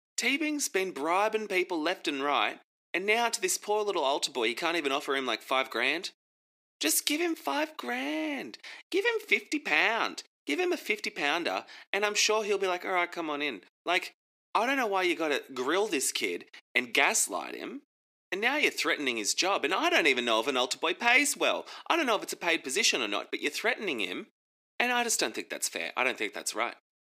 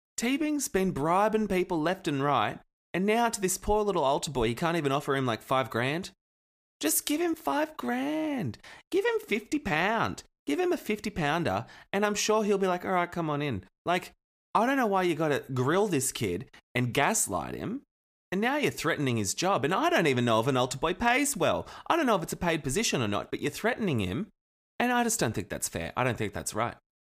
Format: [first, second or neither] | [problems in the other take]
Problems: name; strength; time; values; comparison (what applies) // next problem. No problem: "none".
second | thin; very slightly; fading below 300 Hz